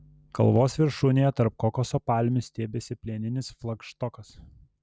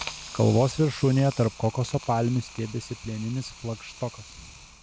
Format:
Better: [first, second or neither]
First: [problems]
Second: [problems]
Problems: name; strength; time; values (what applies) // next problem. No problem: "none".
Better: first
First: none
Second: background sound (Hiss); 16 dB below the speech